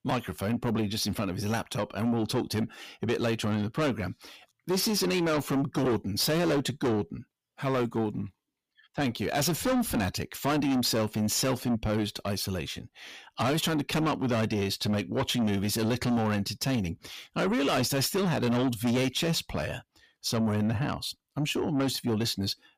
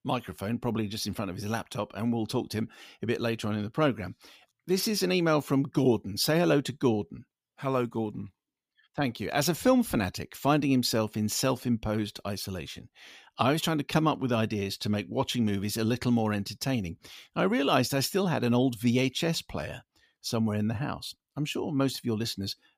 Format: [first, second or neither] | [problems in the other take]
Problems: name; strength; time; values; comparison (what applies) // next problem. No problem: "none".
second | distortion; heavy; 7 dB below the speech